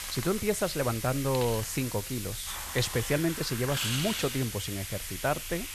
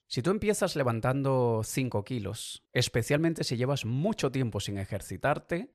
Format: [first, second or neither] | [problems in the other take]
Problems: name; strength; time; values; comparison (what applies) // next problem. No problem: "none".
second | hiss; loud; throughout; 4 dB below the speech